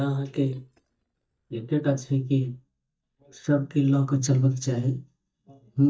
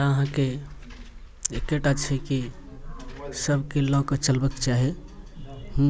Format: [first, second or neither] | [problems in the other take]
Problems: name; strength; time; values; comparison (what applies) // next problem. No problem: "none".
second | noise reduction (neural mask model DeepFilterNet 3)